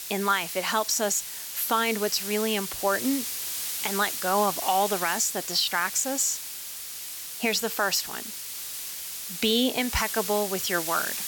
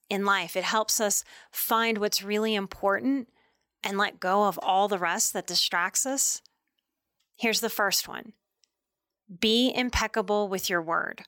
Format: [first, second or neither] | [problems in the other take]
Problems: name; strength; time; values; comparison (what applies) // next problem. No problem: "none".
second | hiss; loud; throughout; 5 dB below the speech